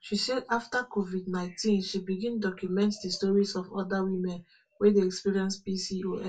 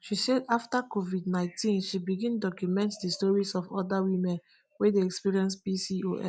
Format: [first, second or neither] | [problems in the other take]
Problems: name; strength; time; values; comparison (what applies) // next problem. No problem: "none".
second | room echo; dies away in 0.1 s